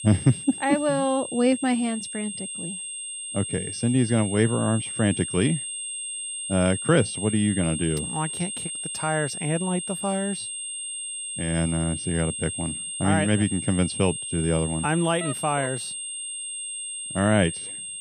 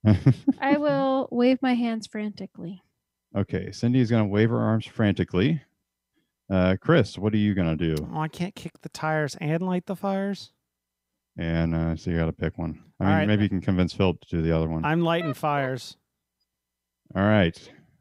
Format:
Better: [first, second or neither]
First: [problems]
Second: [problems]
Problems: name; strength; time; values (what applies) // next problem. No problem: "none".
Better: second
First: high-pitched whine; loud; throughout; 8.5 kHz, 5 dB below the speech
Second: none